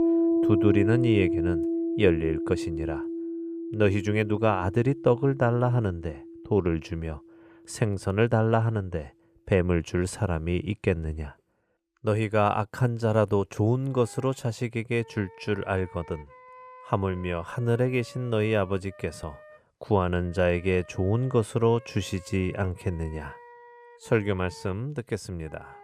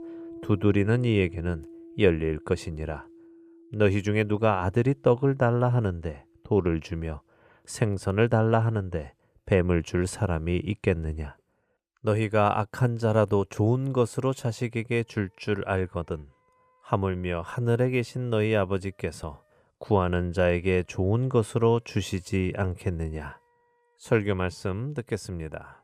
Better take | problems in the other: second | background music; loud; throughout; 3 dB below the speech; faint in the second

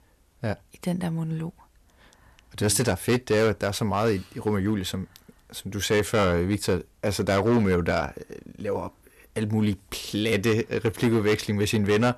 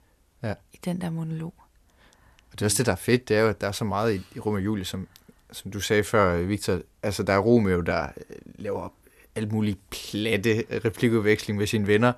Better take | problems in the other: second | distortion; slight; 5% of the sound clipped

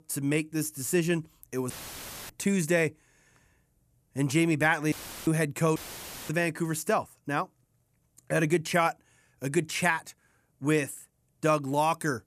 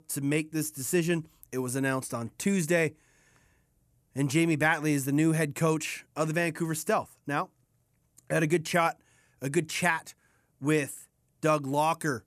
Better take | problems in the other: second | audio cutting out; filled with static; at 1.5 s for 0.5 s, at 5 s and at 6 s for 0.5 s

